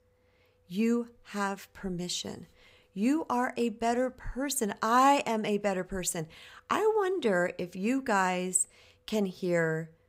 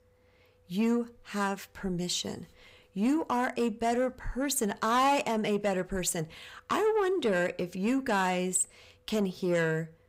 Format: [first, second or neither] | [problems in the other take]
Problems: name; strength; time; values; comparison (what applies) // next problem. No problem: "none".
first | distortion; slight; 10 dB below the speech